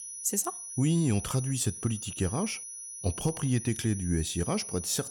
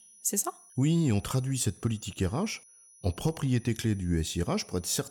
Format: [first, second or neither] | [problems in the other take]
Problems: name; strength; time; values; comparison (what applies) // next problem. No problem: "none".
second | high-pitched whine; loud; throughout; 10.5 kHz, 8 dB below the speech; faint in the second